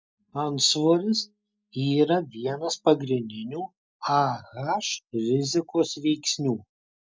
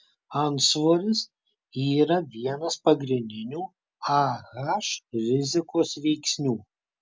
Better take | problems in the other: second | noise reduction (neural mask model DeepFilterNet 3)

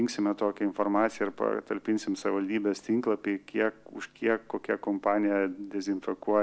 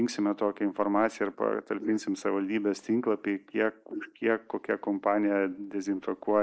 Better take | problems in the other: first | noise reduction (neural mask model Resemble Enhance denoiser)

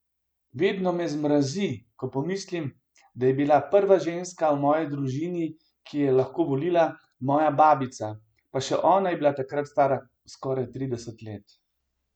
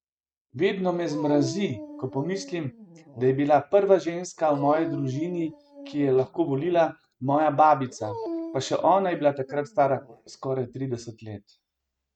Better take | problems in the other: first | noise reduction (neural mask model RNNoise)

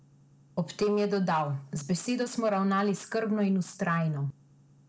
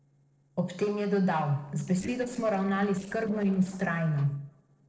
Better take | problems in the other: first | noise reduction (neural separator model SepFormer DNS4)

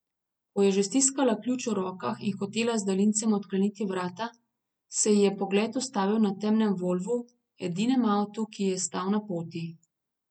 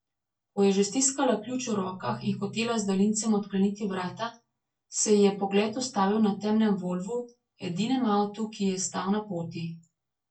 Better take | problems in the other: first | room echo; dies away in 0.2 s

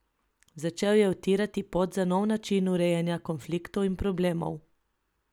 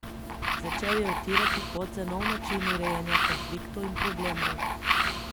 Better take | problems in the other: first | background sound (Tools); 5 dB above the speech

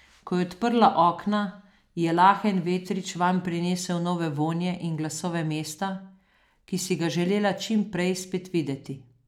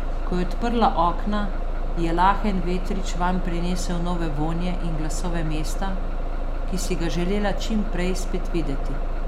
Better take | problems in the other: first | background sound (Bus); 3 dB above the speech

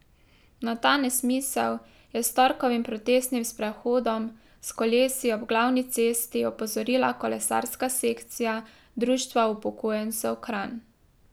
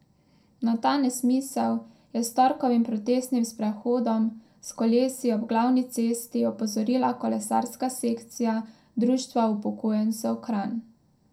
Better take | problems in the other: first | room echo; dies away in 0.2 s

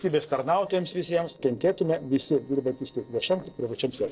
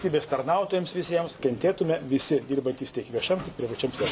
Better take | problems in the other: second | noise reduction (neural separator model SepFormer DNS4)

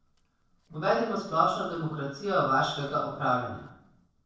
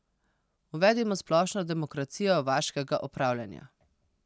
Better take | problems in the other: second | noise reduction (neural separator model SepFormer DNS4)

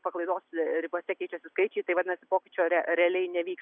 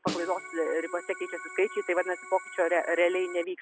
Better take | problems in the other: first | background sound (Snare drum + Organ); 11 dB below the speech

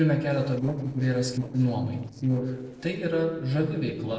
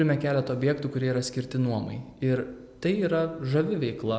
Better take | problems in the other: second | noise reduction (neural separator model SepFormer DNS4)

